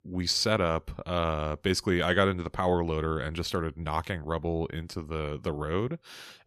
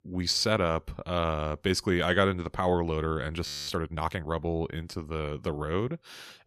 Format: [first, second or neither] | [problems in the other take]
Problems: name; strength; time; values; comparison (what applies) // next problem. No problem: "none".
first | audio freezing; at 3.5 s